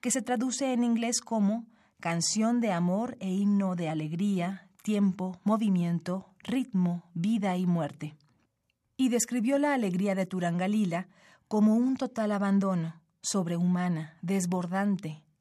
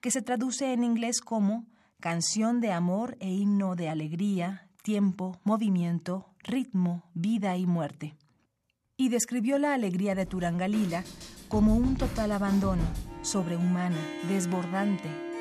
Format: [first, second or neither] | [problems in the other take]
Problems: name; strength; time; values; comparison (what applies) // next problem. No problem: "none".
first | background music; loud; from 11 s on; 9 dB below the speech